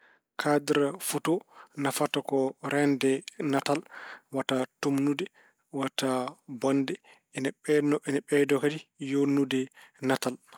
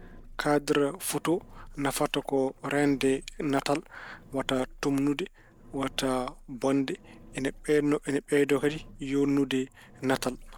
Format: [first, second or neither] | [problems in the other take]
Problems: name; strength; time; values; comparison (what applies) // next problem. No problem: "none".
first | background sound (Engine); 20 dB below the speech